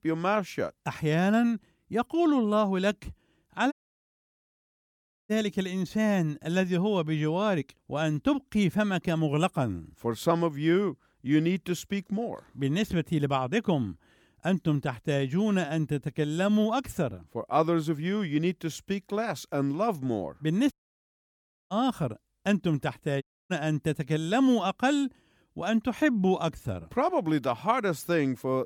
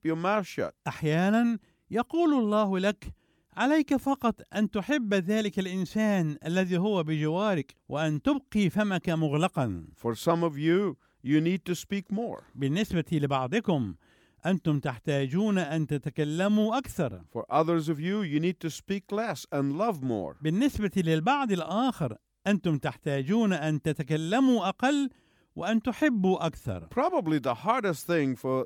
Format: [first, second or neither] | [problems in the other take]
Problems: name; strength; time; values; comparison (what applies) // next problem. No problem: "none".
second | audio cutting out; at 3.5 s for 1.5 s, at 21 s for 1 s and at 23 s